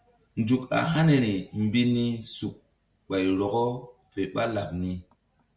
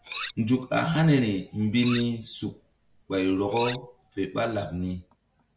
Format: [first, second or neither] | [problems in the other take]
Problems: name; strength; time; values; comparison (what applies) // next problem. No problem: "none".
first | background sound (Cutlery, silverware); 14 dB below the speech